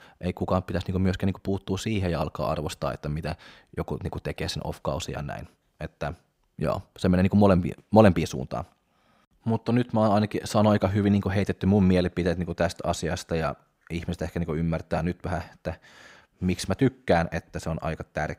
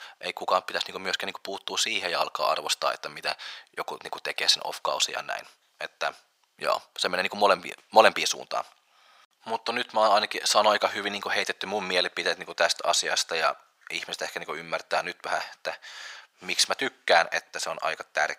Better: first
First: none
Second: thin; very; fading below 900 Hz

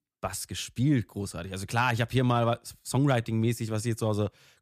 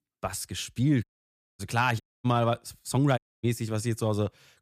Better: first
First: none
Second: audio cutting out; at 1 s for 0.5 s, at 2 s and at 3 s

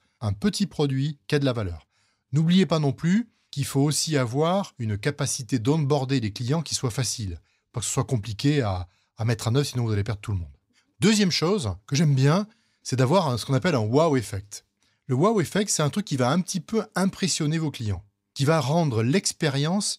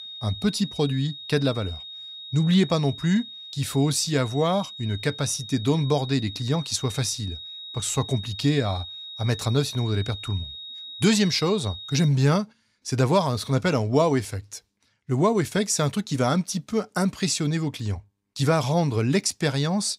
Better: first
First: none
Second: high-pitched whine; noticeable; until 12 s; 3.5 kHz, 10 dB below the speech

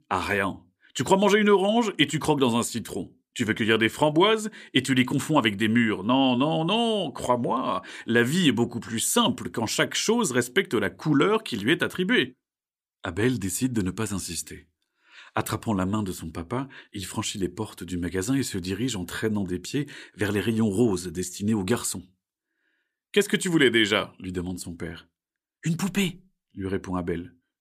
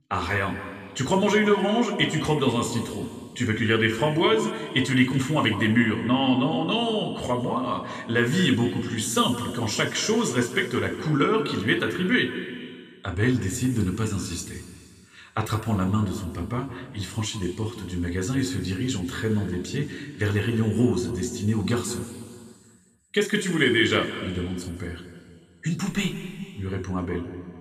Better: first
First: none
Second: room echo; noticeable; dies away in 2.1 s // off-mic speech; somewhat distant

